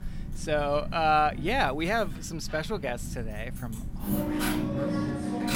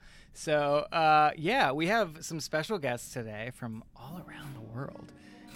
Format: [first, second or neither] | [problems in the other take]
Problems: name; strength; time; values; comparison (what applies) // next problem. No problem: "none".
second | household noises; loud; throughout; 6 dB below the speech; faint in the second